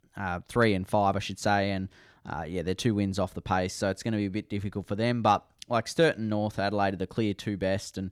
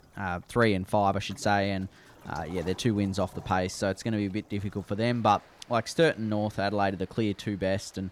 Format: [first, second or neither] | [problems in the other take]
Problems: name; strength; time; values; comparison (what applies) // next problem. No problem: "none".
first | rain or running water; faint; throughout; 25 dB below the speech